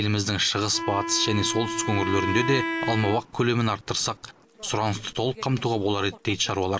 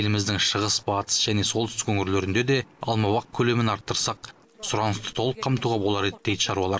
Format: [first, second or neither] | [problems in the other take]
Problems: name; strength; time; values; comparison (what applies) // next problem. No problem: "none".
second | background sound (Wind instrument, woodwind instrument); 5 dB below the speech